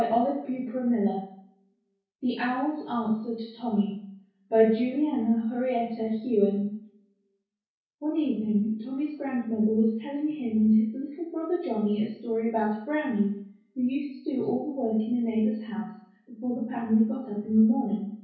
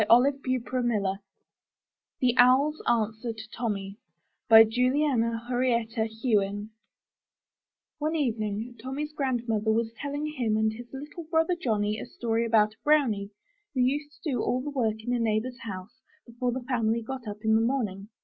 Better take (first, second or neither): second